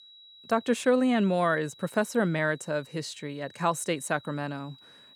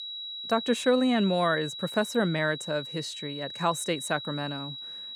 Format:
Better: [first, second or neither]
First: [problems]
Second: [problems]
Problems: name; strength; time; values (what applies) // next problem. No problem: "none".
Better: first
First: high-pitched whine; faint; throughout; 4 kHz, 25 dB below the speech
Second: high-pitched whine; loud; throughout; 4 kHz, 8 dB below the speech